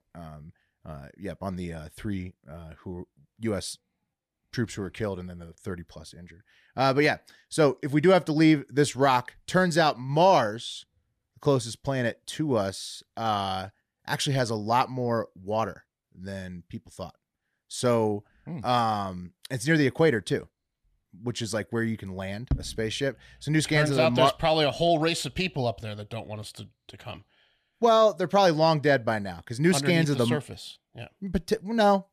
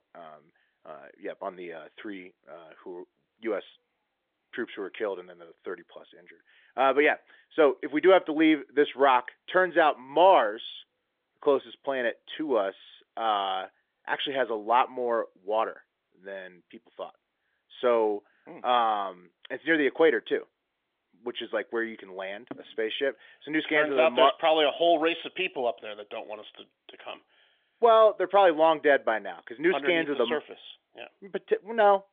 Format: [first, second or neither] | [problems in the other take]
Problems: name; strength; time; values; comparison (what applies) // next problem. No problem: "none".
first | phone-call audio; nothing above 3.5 kHz